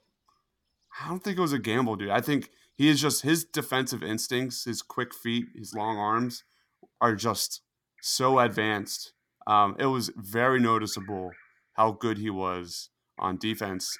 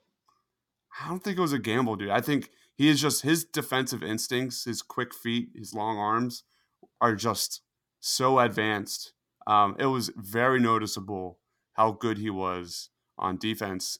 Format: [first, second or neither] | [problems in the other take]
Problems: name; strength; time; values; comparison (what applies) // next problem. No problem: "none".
second | animal sounds; faint; throughout; 25 dB below the speech